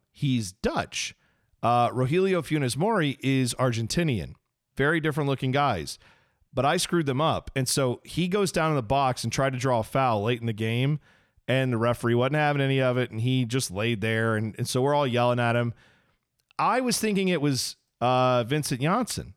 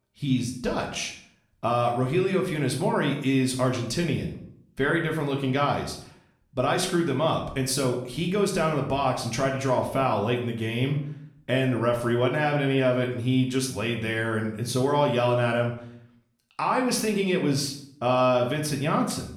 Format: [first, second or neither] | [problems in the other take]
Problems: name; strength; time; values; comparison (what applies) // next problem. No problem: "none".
first | room echo; slight; dies away in 0.5 s // off-mic speech; somewhat distant